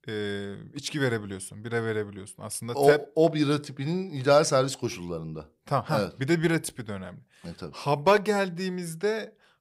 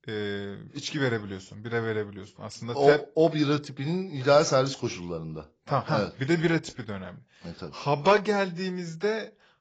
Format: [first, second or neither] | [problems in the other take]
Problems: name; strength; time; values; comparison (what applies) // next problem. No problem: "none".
first | garbled, watery; badly; nothing above 7.5 kHz